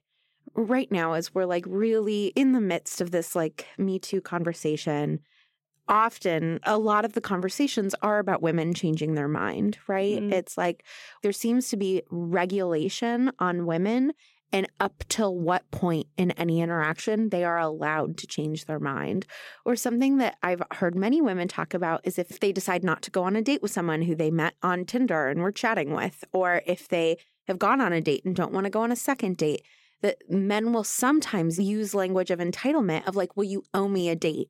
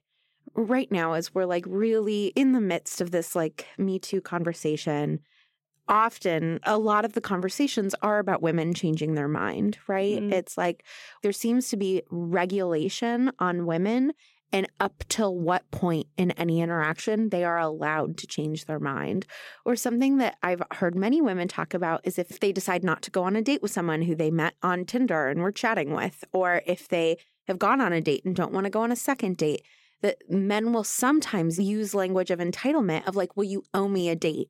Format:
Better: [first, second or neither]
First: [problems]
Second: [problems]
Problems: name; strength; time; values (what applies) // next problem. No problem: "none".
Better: neither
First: none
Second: none